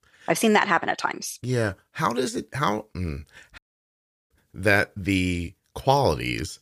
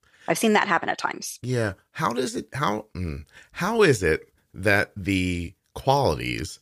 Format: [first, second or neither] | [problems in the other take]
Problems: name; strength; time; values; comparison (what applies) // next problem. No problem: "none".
second | audio cutting out; at 3.5 s for 0.5 s